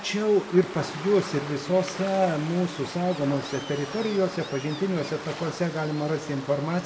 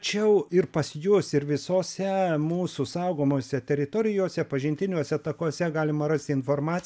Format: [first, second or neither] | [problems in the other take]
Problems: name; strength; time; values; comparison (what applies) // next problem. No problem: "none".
second | background sound (Waves, surf); 12 dB below the speech // room echo; dies away in 1.5 s